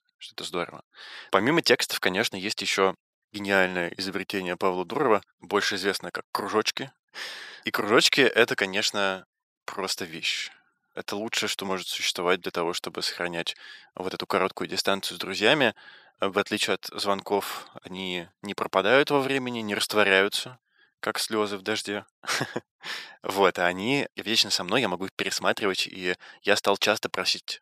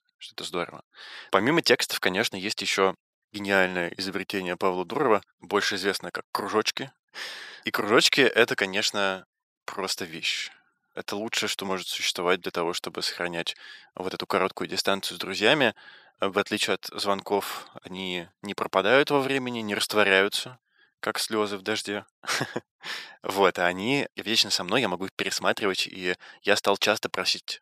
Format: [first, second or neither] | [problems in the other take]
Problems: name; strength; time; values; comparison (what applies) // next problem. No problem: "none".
neither | thin; very; fading below 550 Hz; the same in both